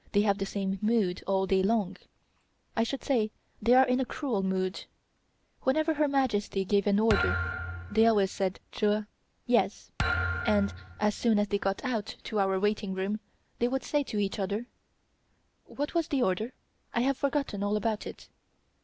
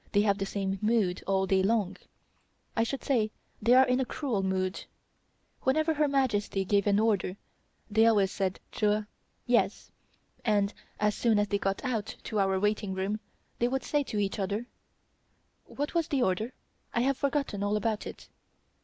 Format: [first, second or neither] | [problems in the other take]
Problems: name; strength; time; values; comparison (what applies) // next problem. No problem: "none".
second | background sound (Thump, thud); 5 dB below the speech